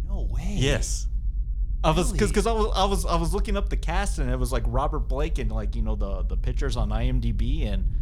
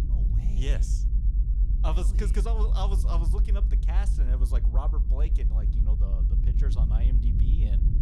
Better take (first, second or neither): first